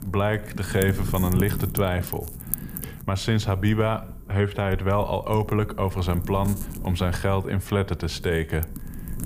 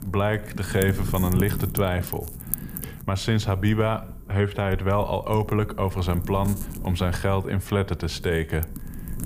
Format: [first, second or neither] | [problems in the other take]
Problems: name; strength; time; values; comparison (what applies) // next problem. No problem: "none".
neither | wind noise on the microphone; occasional gusts; 15 dB below the speech; the same in both